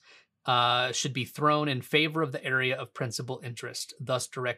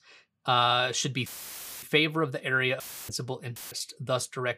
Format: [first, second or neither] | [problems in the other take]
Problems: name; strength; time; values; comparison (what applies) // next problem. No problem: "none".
first | audio cutting out; filled with static; at 1.5 s for 0.5 s, at 3 s and at 3.5 s